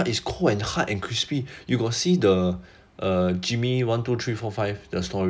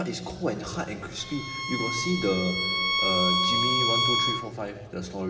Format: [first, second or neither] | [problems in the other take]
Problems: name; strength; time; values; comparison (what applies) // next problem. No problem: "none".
first | background sound (Bowed string instrument); 4 dB above the speech // room echo; dies away in 2.7 s